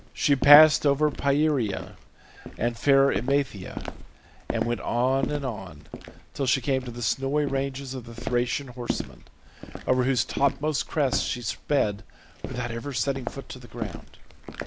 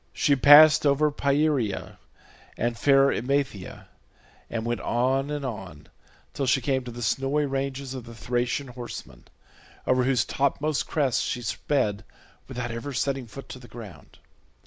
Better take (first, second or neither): second